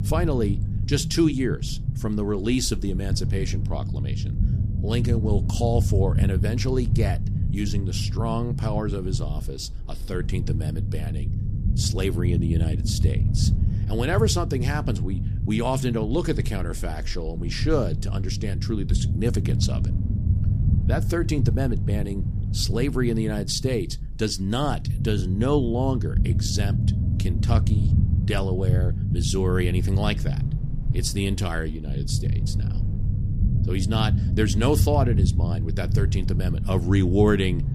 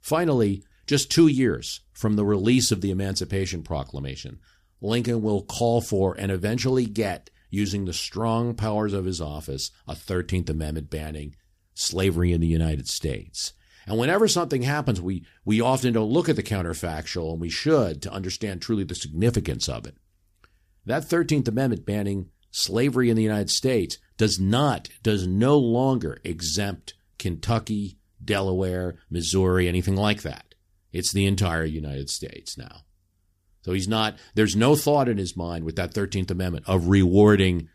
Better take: second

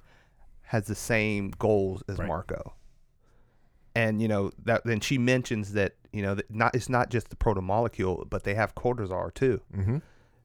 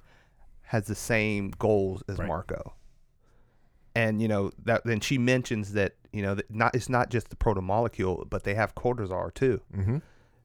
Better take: neither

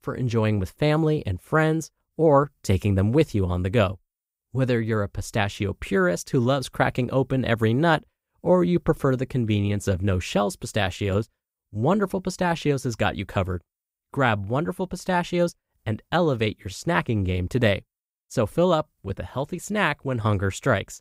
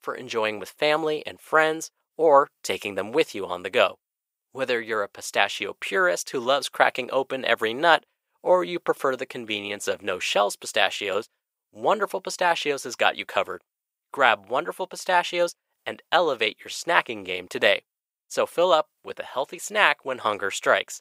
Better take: first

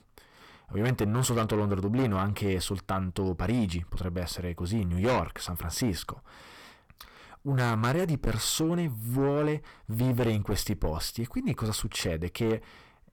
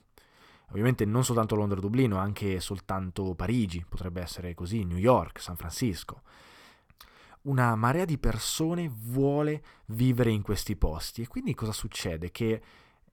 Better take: second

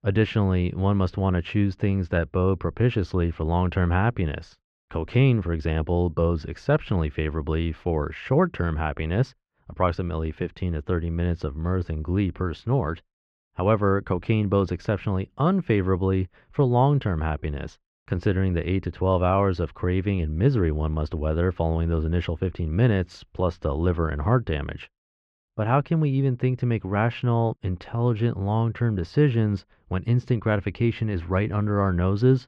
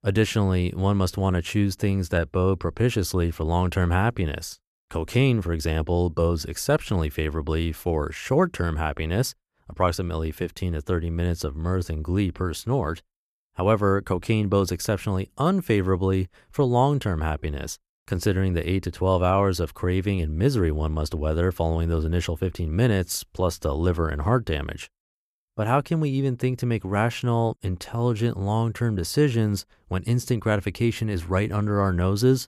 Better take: second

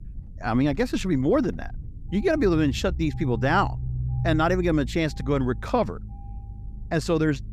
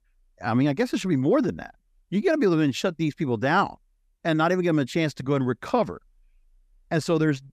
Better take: second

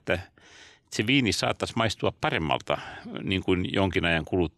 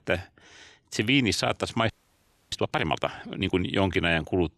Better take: first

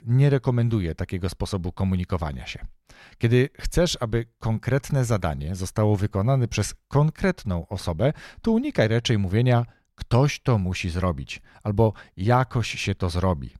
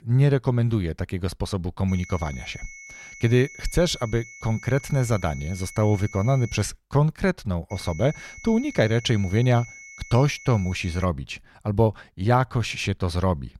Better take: first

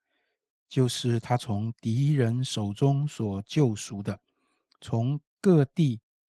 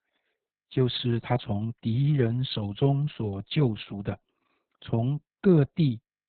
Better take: first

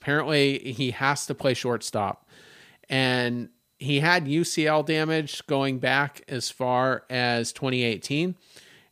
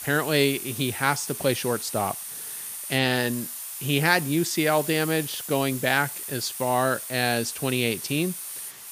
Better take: first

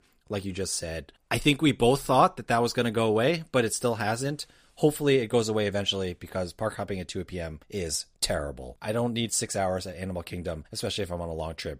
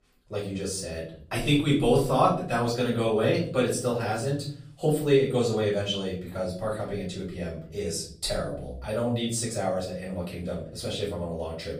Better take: first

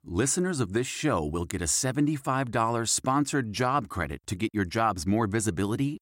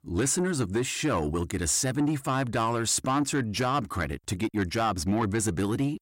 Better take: first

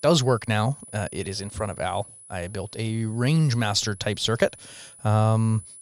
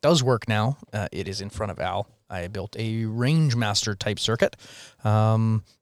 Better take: second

